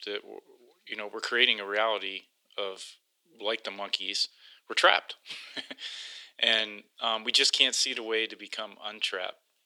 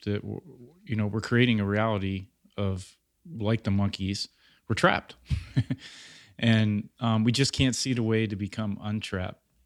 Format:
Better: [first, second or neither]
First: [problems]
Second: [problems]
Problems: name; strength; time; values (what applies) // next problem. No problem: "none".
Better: second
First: thin; very; fading below 450 Hz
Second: none